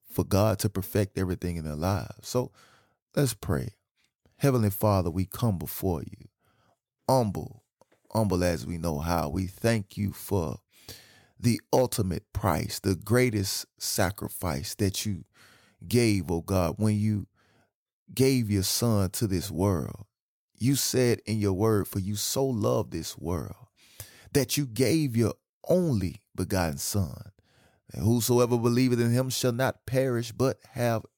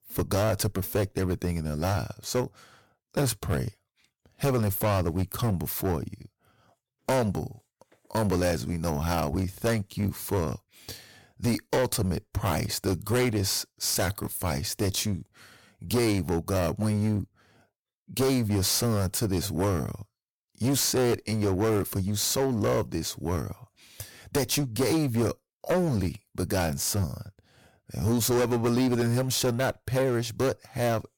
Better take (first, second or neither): first